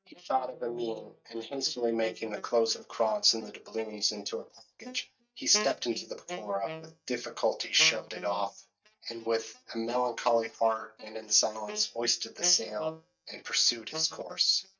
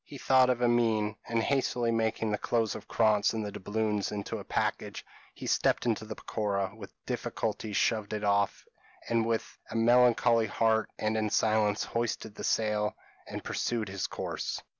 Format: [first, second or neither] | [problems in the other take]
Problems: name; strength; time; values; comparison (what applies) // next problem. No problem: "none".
second | noise reduction (neural mask model DeepFilterNet 3)